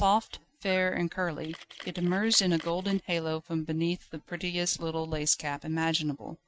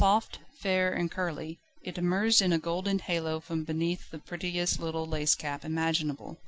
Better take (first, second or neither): second